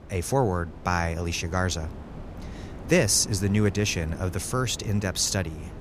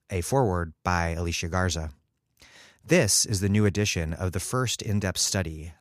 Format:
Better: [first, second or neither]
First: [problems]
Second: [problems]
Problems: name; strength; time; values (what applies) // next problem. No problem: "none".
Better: second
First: wind noise on the microphone; occasional gusts; 20 dB below the speech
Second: none